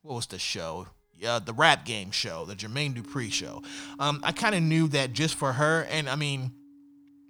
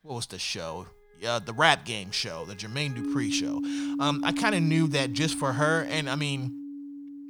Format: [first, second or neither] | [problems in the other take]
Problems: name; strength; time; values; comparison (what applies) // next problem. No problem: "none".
first | background music; loud; throughout; 6 dB below the speech; faint in the first